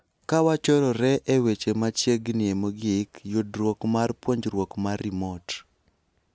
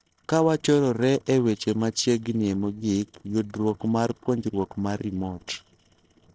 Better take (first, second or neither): first